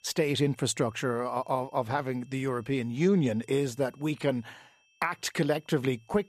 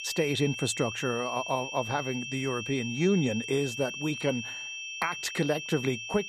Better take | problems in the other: first | high-pitched whine; loud; throughout; 2.5 kHz, 6 dB below the speech; faint in the first

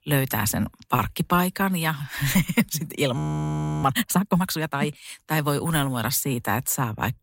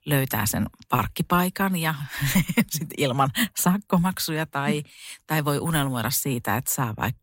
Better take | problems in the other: second | audio freezing; at 3 s for 0.5 s

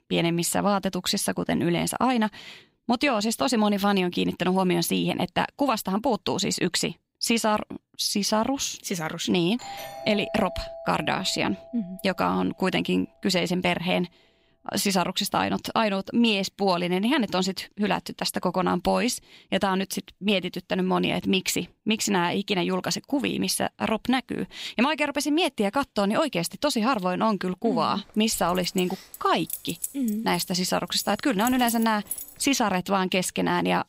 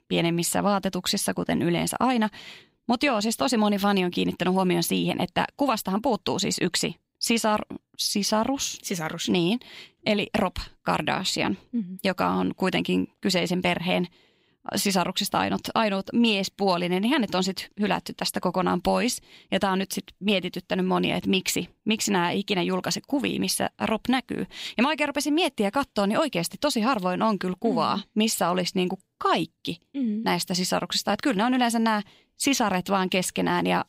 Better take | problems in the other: second | doorbell; faint; from 9.5 to 13 s; peak 10 dB below the speech // jangling keys; noticeable; from 28 to 32 s; peak 6 dB below the speech

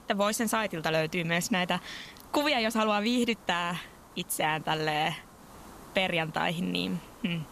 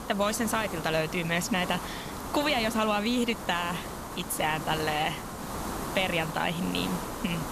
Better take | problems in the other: first | hiss; loud; throughout; 8 dB below the speech; faint in the first

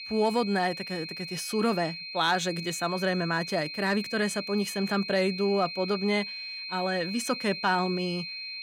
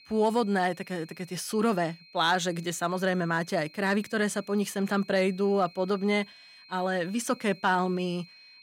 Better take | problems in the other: second | high-pitched whine; loud; throughout; 4 kHz, 7 dB below the speech; faint in the second

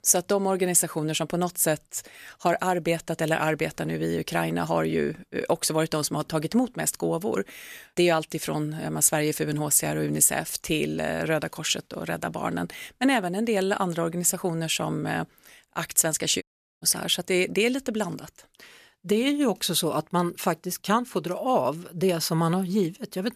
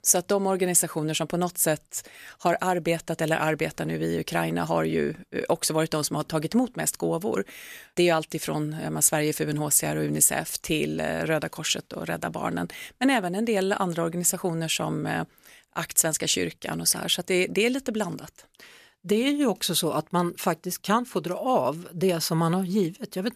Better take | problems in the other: second | audio cutting out; at 16 s

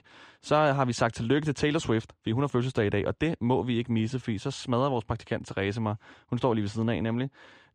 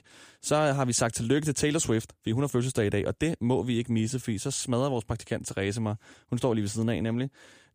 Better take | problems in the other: second | muffled; slightly; fading above 3.5 kHz

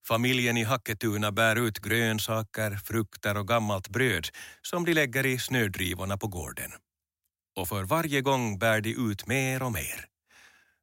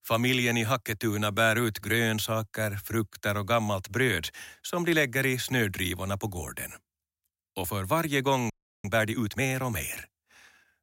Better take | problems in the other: first | audio freezing; at 8.5 s

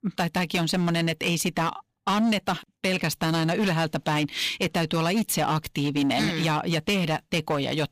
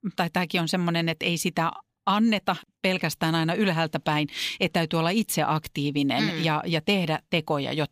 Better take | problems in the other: second | distortion; slight; 14% of the sound clipped

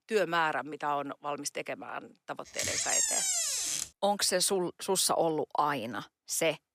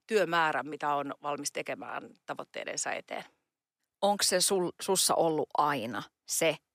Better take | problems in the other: second | door banging; loud; from 2.5 to 4 s; peak 5 dB above the speech

